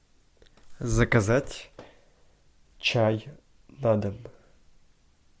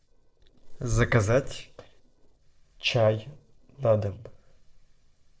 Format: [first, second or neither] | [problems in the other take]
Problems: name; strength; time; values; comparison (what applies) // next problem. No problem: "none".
first | noise reduction (neural separator model SepFormer DNS4)